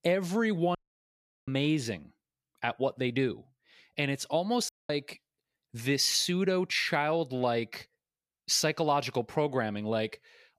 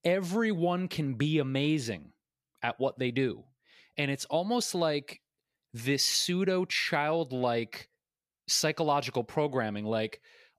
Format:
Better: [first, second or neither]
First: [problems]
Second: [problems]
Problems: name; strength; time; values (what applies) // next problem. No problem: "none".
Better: second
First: audio cutting out; at 1 s for 0.5 s and at 4.5 s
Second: none